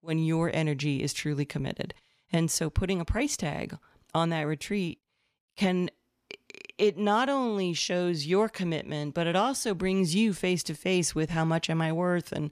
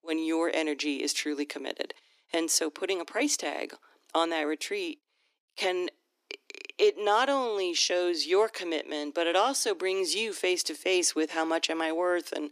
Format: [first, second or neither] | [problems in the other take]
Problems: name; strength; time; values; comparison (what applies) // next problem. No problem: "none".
first | thin; somewhat; fading below 300 Hz